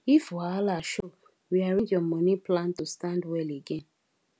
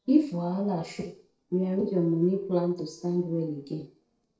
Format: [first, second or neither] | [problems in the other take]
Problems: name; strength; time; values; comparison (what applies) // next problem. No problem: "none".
first | noise reduction (neural separator model SepFormer DNS4)